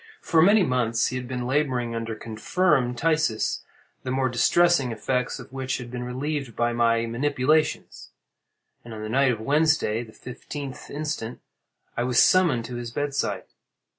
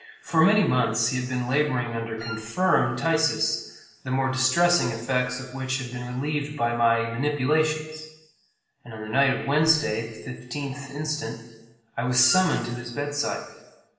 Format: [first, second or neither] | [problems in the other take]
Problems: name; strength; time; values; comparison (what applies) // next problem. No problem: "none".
first | background sound (Wind instrument, woodwind instrument); 14 dB below the speech // room echo; dies away in 1.1 s